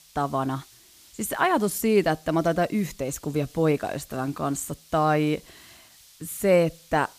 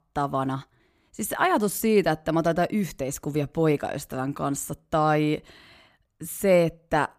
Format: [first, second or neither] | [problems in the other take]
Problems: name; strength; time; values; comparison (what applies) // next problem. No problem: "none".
second | hiss; faint; throughout; 25 dB below the speech